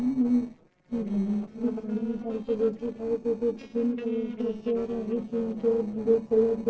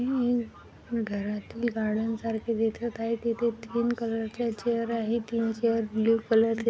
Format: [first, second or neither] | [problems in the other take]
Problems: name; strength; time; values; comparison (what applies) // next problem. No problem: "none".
second | noise reduction (neural separator model SepFormer DNS4)